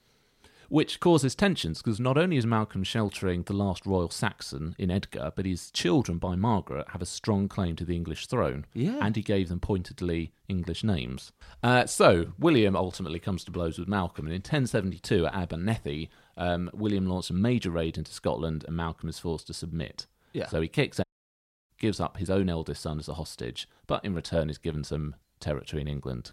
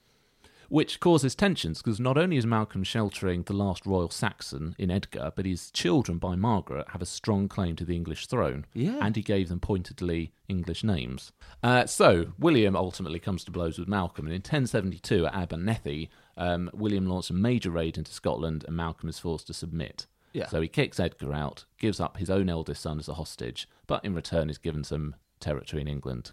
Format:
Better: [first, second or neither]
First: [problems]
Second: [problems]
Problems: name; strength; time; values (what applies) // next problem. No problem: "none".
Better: second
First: audio cutting out; at 21 s for 0.5 s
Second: none